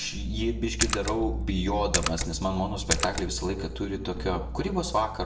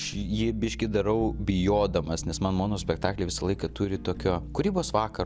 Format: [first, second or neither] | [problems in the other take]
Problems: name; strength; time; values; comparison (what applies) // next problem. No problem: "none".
second | background sound (Splash, splatter); 3 dB below the speech // room echo; dies away in 0.5 s